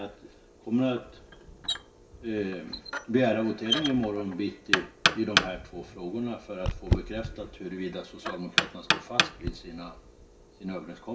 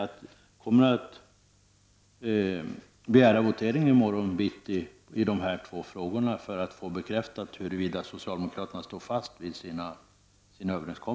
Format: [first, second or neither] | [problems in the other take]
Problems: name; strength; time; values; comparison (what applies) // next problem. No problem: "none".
second | background sound (Knock); as loud as the speech // room echo; dies away in 0.2 s